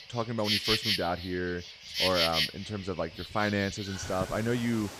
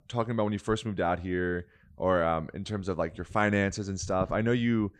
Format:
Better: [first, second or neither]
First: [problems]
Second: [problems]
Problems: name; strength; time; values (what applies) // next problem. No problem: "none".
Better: second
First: animal sounds; very loud; throughout; 2 dB above the speech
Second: none